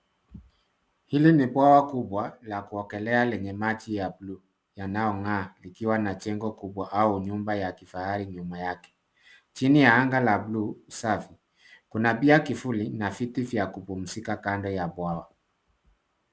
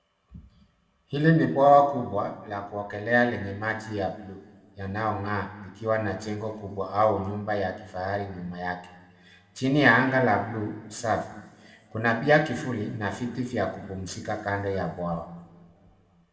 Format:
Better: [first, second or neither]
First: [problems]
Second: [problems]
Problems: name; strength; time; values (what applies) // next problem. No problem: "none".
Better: first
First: none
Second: room echo; dies away in 1.7 s